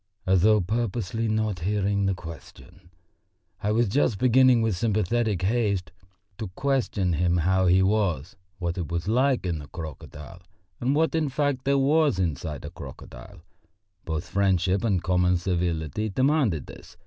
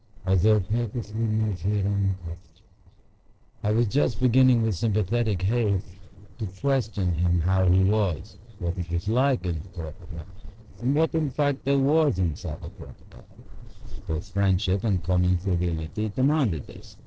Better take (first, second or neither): first